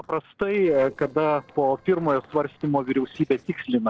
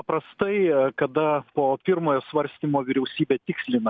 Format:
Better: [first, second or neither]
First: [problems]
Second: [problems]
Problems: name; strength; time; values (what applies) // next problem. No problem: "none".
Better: second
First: noise reduction (neural separator model SepFormer DNS4)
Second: none